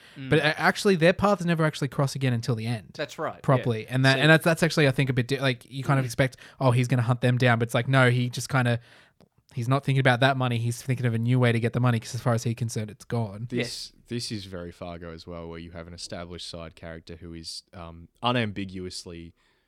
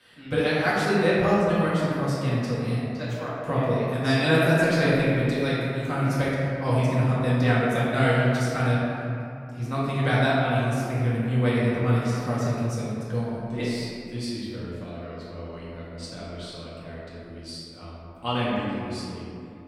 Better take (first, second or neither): first